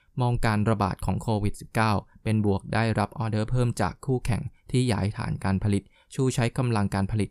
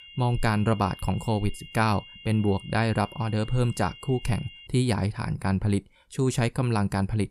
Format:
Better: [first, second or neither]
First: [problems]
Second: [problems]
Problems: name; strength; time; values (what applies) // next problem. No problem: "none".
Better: first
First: none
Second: high-pitched whine; noticeable; until 4.5 s; 3 kHz, 20 dB below the speech